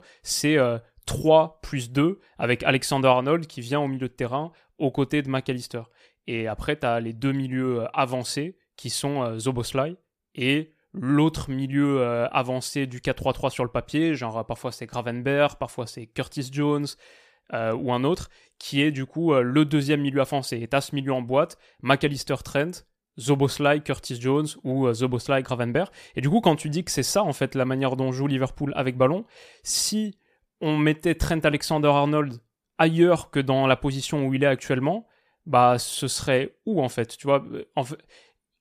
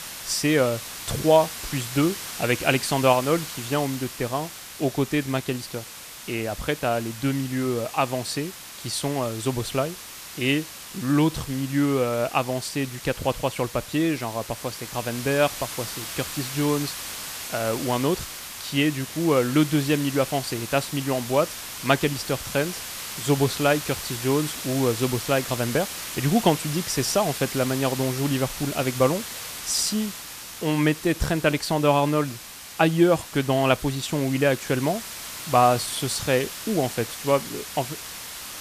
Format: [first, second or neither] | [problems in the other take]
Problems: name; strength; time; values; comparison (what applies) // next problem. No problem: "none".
first | hiss; loud; throughout; 9 dB below the speech